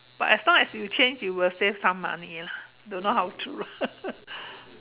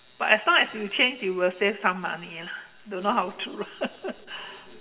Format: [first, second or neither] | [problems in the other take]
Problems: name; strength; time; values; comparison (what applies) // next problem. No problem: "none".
first | room echo; dies away in 1.2 s